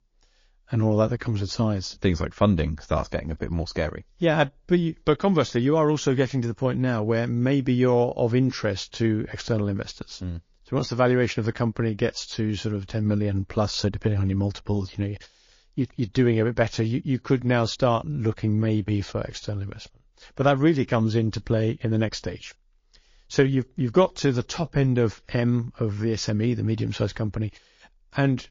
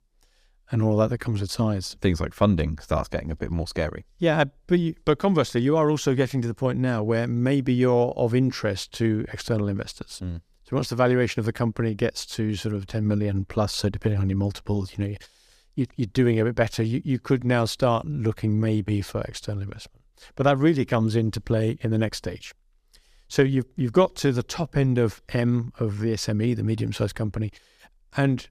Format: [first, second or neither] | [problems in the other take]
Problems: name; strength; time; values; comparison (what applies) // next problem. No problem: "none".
second | garbled, watery; slightly; nothing above 6.5 kHz